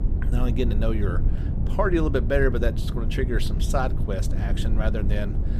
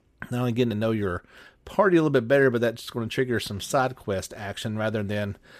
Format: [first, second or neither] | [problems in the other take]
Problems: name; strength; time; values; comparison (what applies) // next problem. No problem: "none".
second | low rumble; noticeable; throughout; 10 dB below the speech